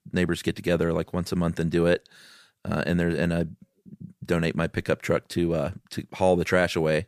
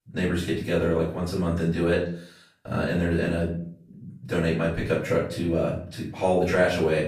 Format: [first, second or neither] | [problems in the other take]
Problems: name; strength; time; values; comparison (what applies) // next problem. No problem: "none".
first | off-mic speech; far // room echo; noticeable; dies away in 0.4 s